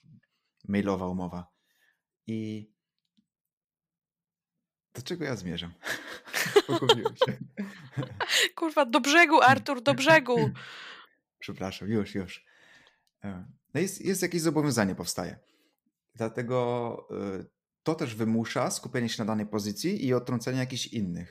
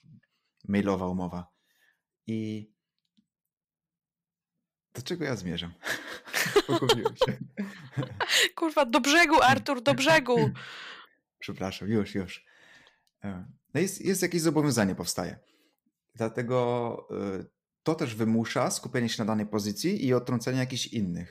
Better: first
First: none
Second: distortion; slight; 1% of the sound clipped

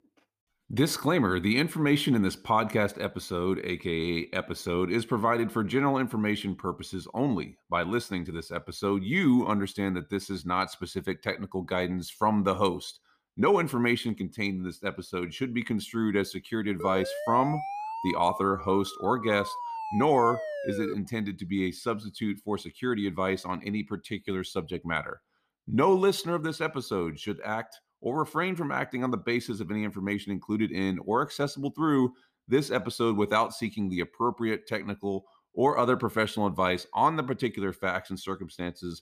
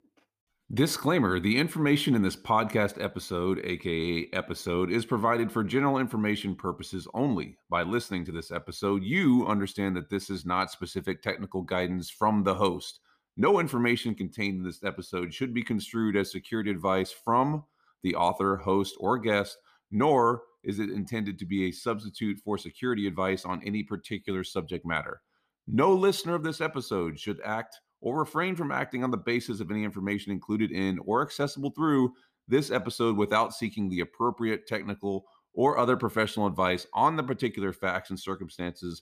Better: second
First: siren; noticeable; from 17 to 21 s; peak 6 dB below the speech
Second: none

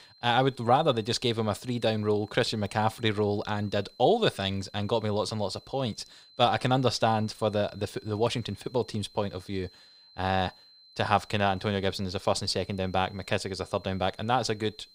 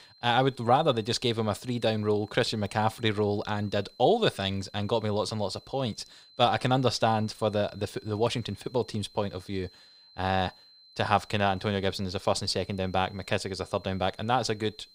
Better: neither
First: high-pitched whine; faint; throughout; 4 kHz, 25 dB below the speech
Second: high-pitched whine; faint; throughout; 4 kHz, 25 dB below the speech

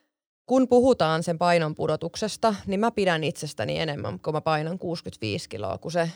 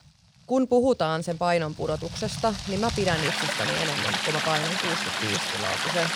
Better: first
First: none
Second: rain or running water; very loud; throughout; 1 dB above the speech

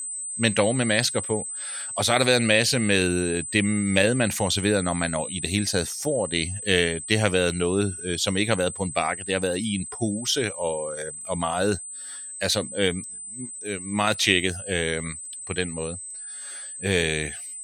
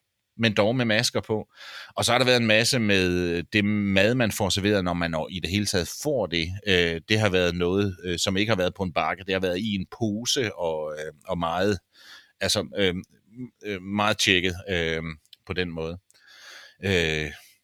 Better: second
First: high-pitched whine; loud; throughout; 8 kHz, 8 dB below the speech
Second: none

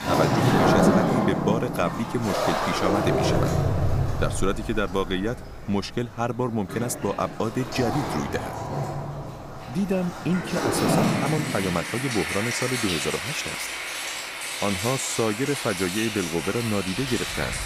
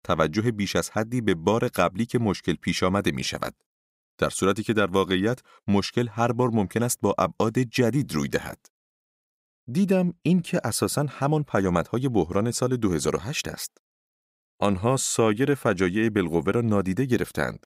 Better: second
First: rain or running water; very loud; throughout; 1 dB above the speech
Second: none

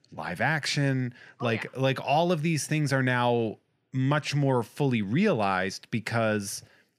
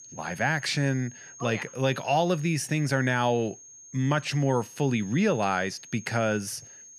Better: first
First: none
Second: high-pitched whine; noticeable; throughout; 6.5 kHz, 20 dB below the speech

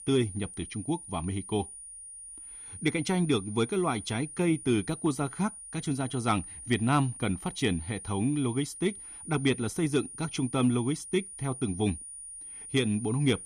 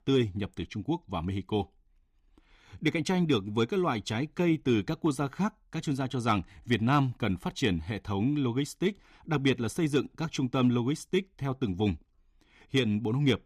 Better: second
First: high-pitched whine; noticeable; throughout; 9.5 kHz, 10 dB below the speech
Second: none

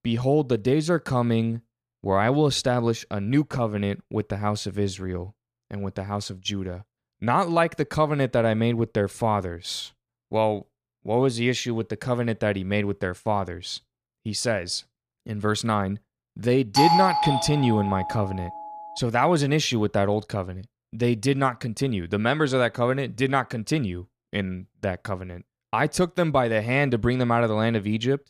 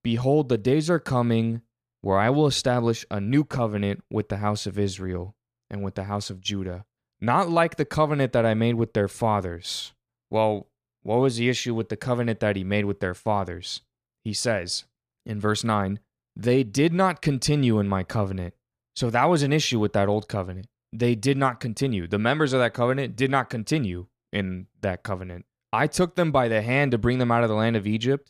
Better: second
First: doorbell; loud; from 17 to 18 s; peak 6 dB above the speech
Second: none

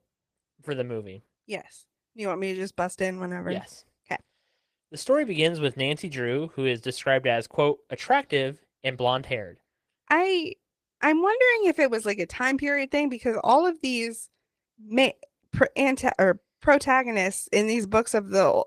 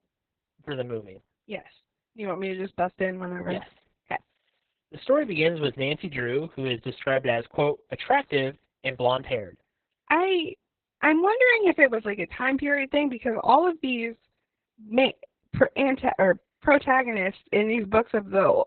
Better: first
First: garbled, watery; slightly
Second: garbled, watery; badly; nothing above 4 kHz

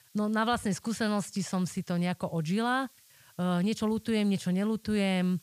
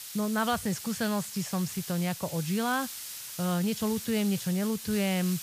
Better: first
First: hiss; faint; throughout; 30 dB below the speech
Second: hiss; loud; throughout; 8 dB below the speech

